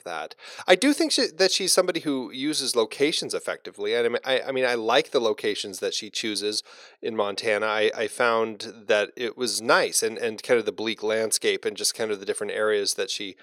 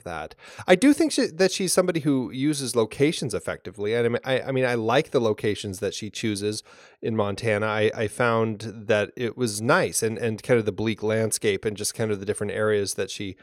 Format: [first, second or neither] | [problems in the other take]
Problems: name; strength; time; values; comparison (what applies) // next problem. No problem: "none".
second | thin; very slightly; fading below 350 Hz